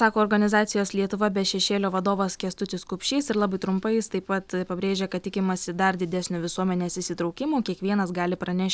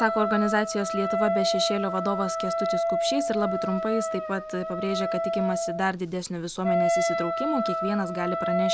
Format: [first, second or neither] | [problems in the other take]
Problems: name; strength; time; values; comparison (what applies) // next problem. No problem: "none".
first | background sound (Wind instrument, woodwind instrument); as loud as the speech